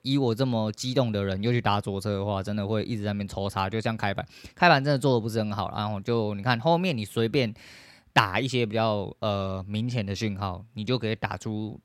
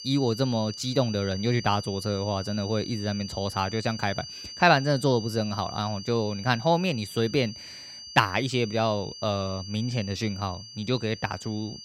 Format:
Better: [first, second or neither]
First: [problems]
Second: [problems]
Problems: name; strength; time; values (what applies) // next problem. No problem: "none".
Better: first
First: none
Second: high-pitched whine; noticeable; throughout; 4.5 kHz, 10 dB below the speech